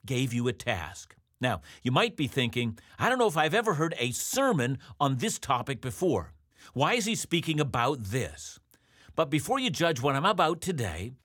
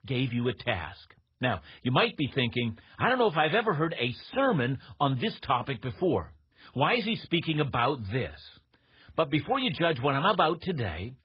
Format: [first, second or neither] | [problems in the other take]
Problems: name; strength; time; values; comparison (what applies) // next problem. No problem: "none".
first | garbled, watery; badly